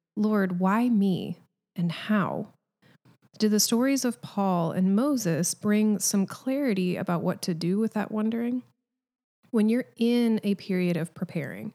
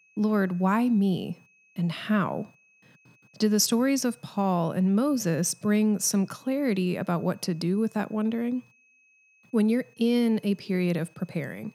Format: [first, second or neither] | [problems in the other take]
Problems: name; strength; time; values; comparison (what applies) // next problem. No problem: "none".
first | high-pitched whine; faint; throughout; 2.5 kHz, 35 dB below the speech